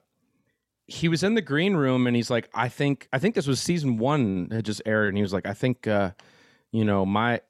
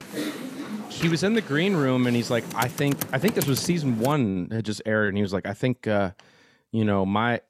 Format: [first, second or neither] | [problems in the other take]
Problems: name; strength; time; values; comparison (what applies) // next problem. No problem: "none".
first | keyboard typing; noticeable; until 4 s; peak 5 dB below the speech